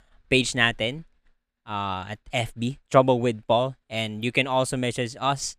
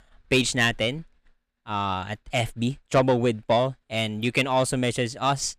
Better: first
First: none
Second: distortion; slight; 10 dB below the speech

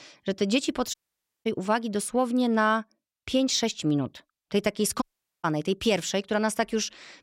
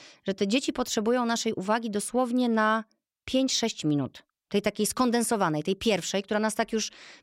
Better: second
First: audio cutting out; at 1 s for 0.5 s and at 5 s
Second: none

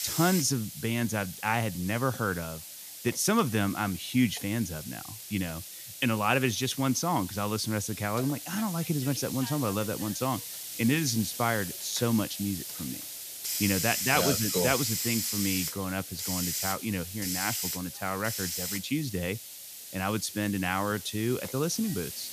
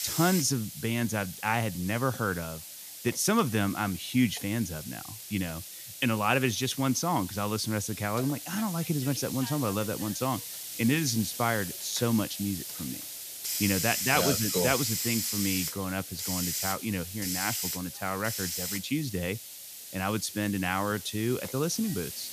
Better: neither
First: hiss; loud; throughout; 5 dB below the speech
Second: hiss; loud; throughout; 5 dB below the speech

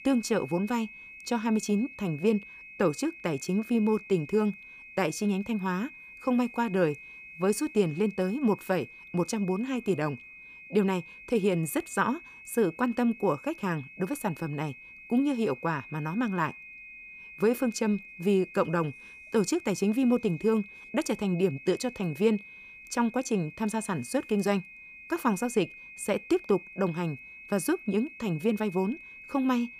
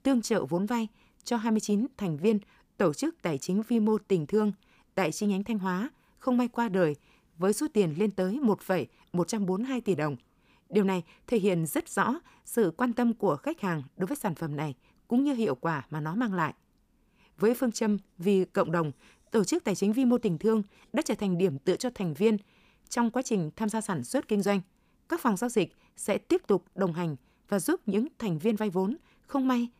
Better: second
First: high-pitched whine; noticeable; throughout; 2.5 kHz, 15 dB below the speech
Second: none

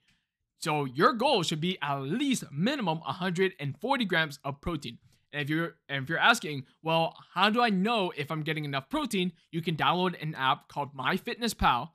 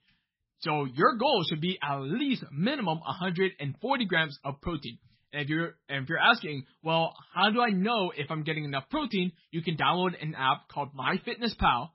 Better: first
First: none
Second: garbled, watery; badly; nothing above 5.5 kHz

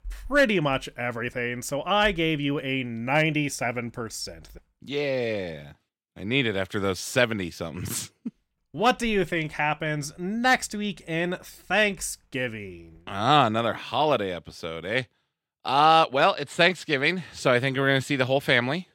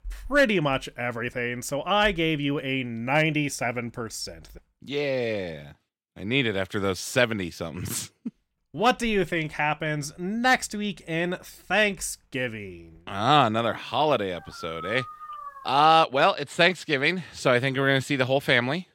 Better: first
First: none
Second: dog barking; faint; from 14 to 16 s; peak 10 dB below the speech

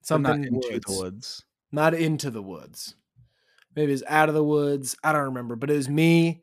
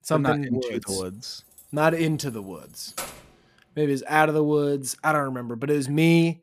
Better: first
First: none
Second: jangling keys; faint; from 1 to 3 s; peak 10 dB below the speech

